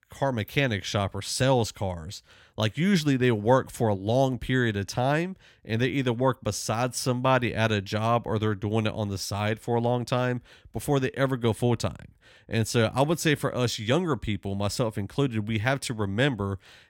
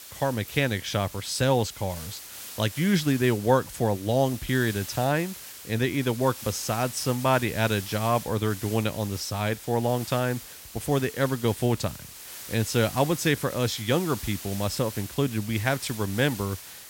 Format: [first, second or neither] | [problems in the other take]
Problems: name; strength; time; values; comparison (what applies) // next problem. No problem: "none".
first | hiss; noticeable; throughout; 10 dB below the speech